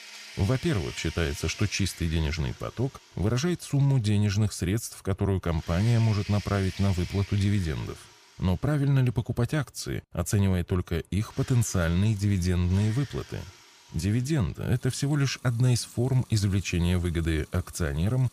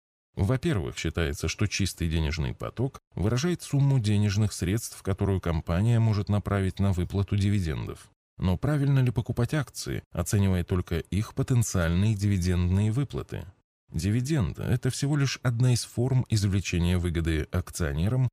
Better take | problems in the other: second | household noises; noticeable; throughout; 20 dB below the speech

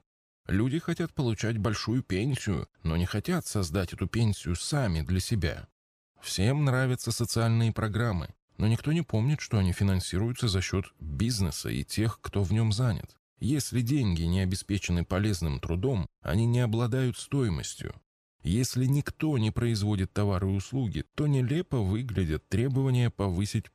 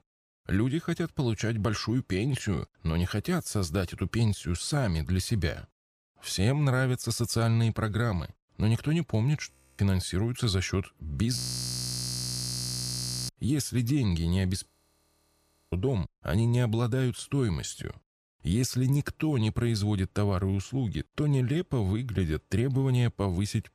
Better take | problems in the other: first | audio freezing; at 9.5 s, at 11 s for 2 s and at 15 s for 1 s

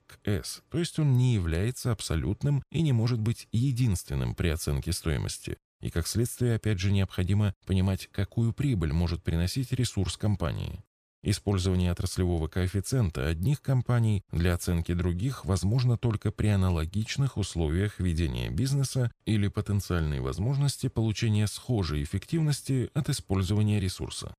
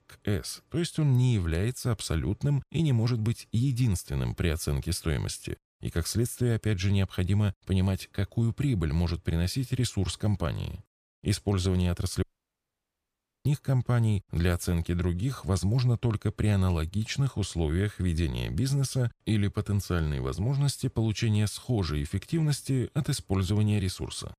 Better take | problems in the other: first | audio cutting out; at 12 s for 1 s

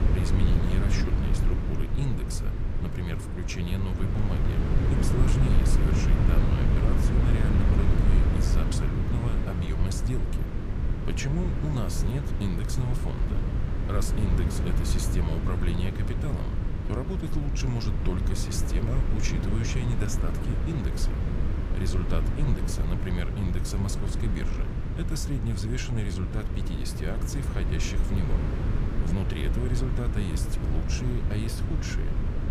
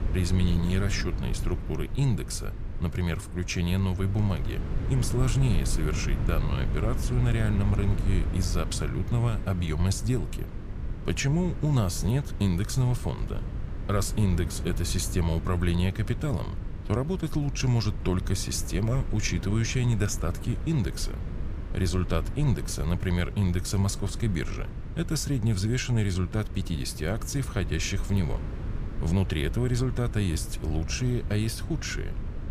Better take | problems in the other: second | wind noise on the microphone; heavy; as loud as the speech; occasional gusts in the second

